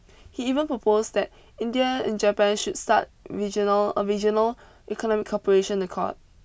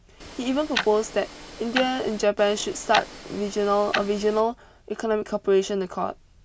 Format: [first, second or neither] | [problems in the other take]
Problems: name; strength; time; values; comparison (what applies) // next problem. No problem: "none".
first | background sound (Tick-tock); 9 dB below the speech